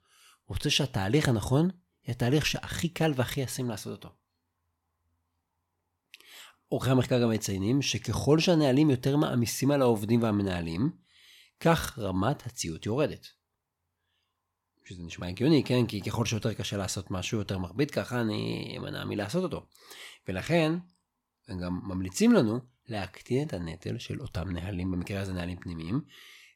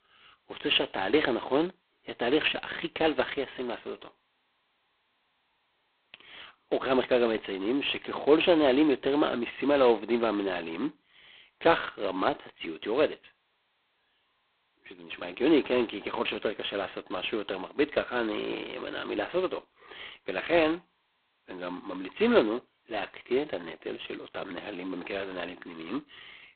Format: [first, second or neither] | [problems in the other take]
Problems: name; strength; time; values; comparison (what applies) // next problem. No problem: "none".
first | phone-call audio; poor line; nothing above 4 kHz